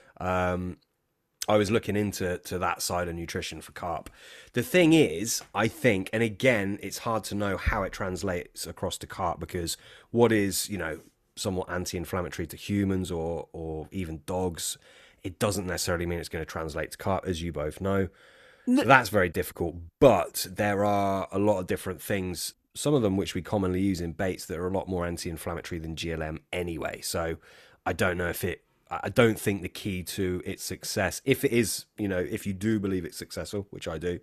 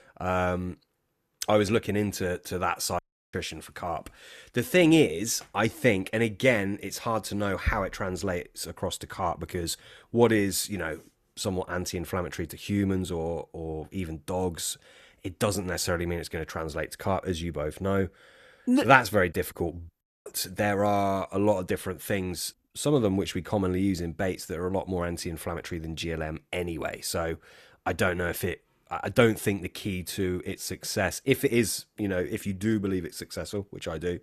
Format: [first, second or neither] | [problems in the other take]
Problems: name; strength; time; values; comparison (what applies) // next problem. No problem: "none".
first | audio cutting out; at 3 s and at 20 s